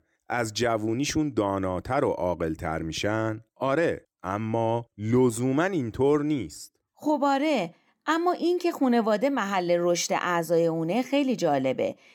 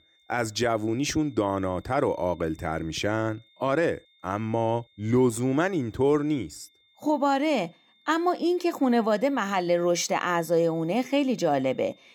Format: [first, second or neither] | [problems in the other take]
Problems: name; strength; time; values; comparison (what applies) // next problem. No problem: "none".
first | high-pitched whine; faint; throughout; 3.5 kHz, 35 dB below the speech